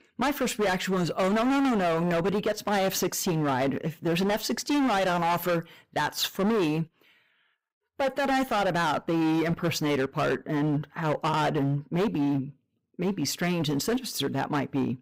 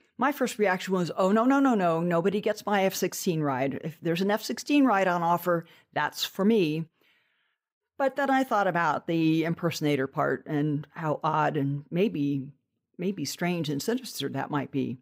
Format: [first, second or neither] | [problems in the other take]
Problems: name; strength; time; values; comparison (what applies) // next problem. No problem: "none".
second | distortion; heavy; 21% of the sound clipped